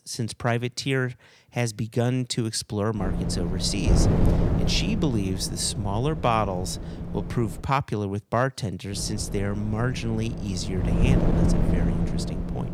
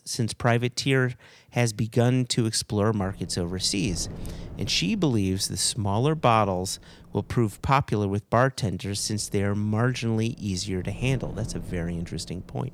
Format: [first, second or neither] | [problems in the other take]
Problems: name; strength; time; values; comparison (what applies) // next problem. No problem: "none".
second | wind noise on the microphone; heavy; from 3 to 7.5 s and from 9 s on; 5 dB below the speech; occasional gusts in the second